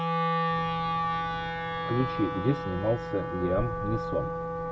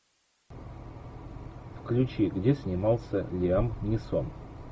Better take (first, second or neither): second